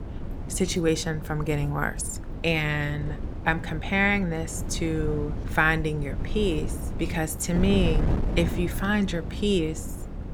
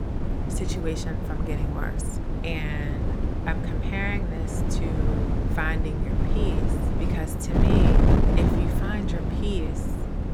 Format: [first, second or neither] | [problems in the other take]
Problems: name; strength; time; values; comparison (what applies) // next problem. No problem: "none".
first | wind noise on the microphone; heavy; 1 dB above the speech; occasional gusts in the first